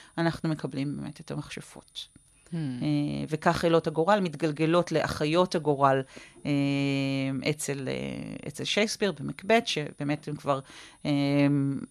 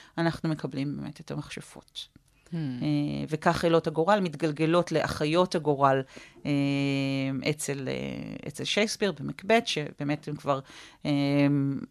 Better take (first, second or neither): second